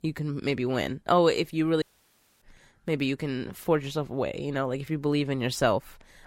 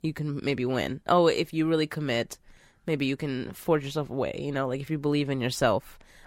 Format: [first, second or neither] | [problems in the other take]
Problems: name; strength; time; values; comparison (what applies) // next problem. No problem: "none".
second | audio cutting out; at 2 s for 0.5 s